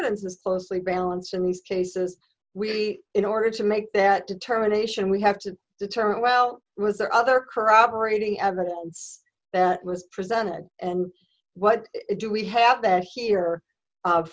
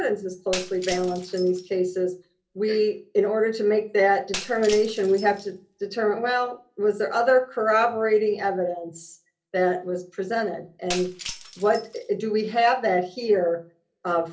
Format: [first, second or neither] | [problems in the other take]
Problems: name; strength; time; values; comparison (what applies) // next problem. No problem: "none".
first | background sound (Shatter); 16 dB below the speech // room echo; dies away in 0.3 s